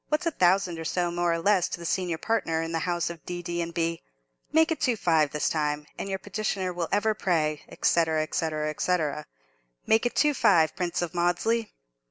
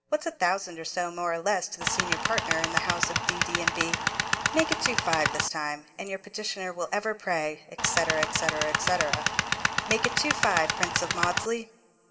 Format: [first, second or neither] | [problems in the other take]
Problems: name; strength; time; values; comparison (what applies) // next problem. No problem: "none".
first | background sound (Tools); 2 dB above the speech // room echo; dies away in 1.6 s